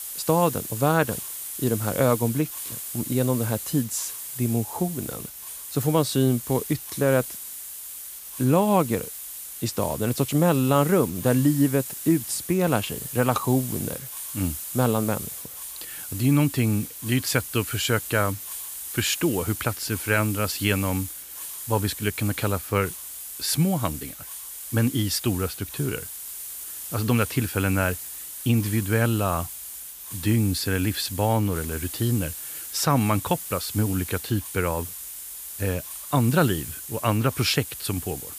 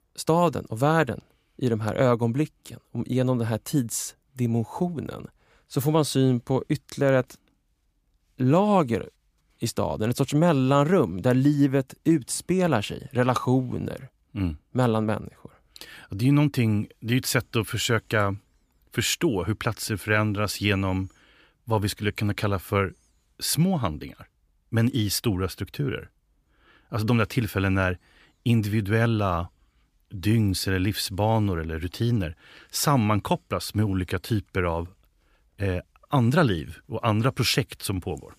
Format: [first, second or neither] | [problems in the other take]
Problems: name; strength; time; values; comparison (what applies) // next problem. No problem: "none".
second | hiss; loud; throughout; 8 dB below the speech